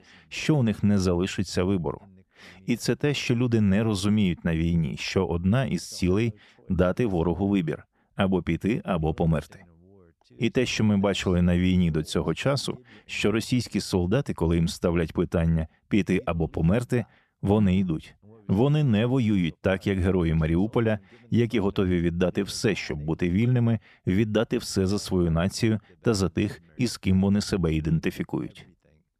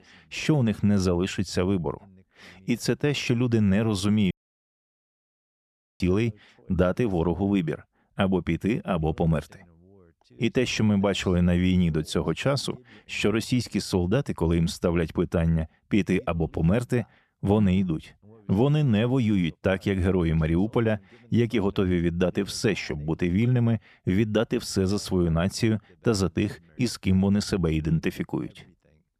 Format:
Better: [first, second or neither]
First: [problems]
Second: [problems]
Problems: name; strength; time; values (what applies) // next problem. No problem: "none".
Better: first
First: none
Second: audio cutting out; at 4.5 s for 1.5 s